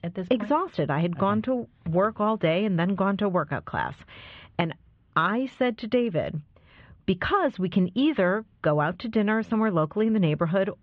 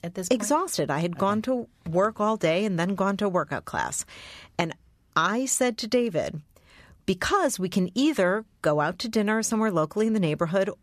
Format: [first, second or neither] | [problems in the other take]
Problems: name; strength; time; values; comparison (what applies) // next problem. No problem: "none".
second | muffled; very; fading above 3.5 kHz